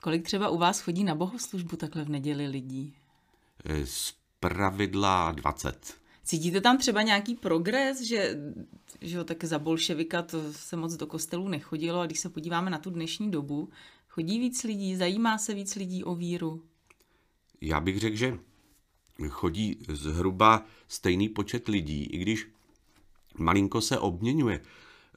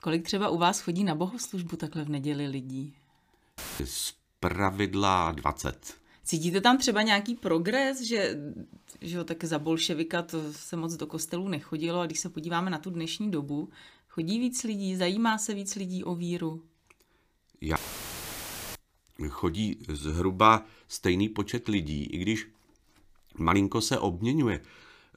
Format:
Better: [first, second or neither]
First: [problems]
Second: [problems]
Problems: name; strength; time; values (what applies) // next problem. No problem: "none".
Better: first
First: none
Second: audio cutting out; filled with static; at 3.5 s and at 18 s for 1 s